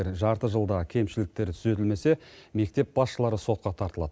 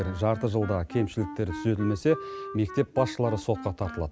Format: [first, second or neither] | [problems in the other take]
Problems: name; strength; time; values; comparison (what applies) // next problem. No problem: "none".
first | background sound (Wind instrument, woodwind instrument); 13 dB below the speech